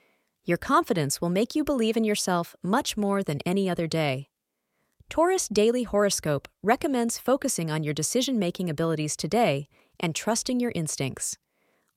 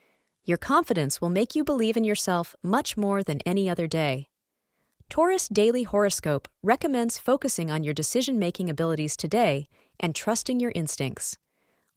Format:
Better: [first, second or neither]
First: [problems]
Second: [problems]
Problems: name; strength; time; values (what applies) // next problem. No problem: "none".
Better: first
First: none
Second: garbled, watery; slightly; nothing above 17.5 kHz